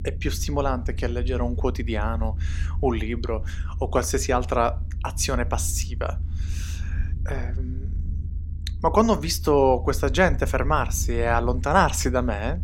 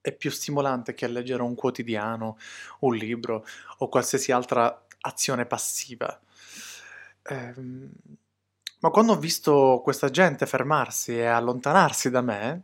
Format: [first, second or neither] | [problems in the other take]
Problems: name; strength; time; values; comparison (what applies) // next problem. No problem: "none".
second | low rumble; faint; throughout; 25 dB below the speech